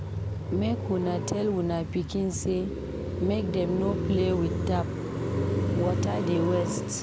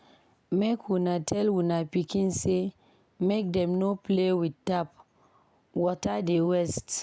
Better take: second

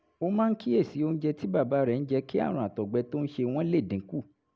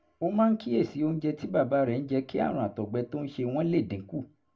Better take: first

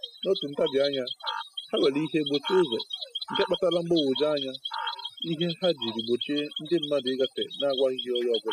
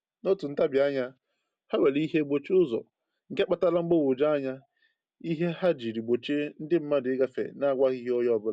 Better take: second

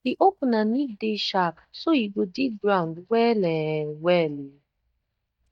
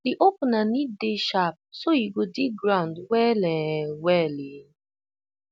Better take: second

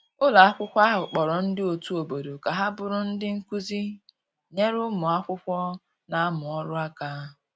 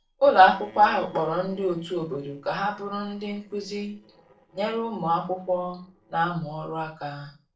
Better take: first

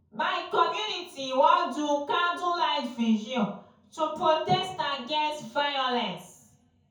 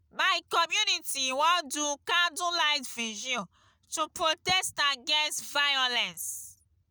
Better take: second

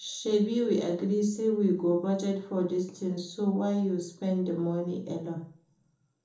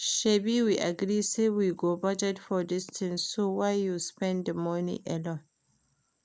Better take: second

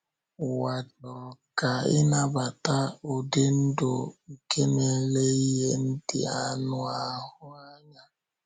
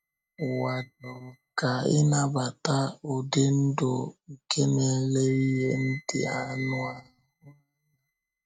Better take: first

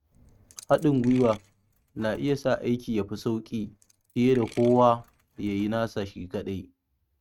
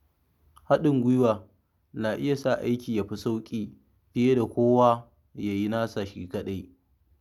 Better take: second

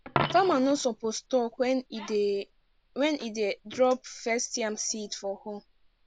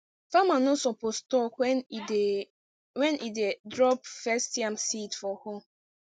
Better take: second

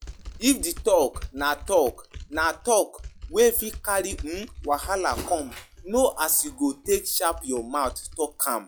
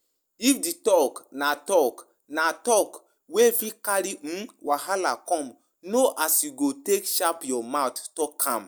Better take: second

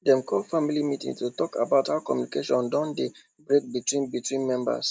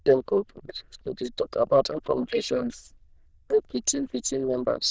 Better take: first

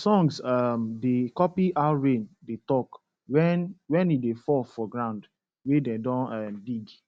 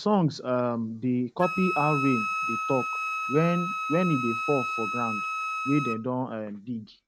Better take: first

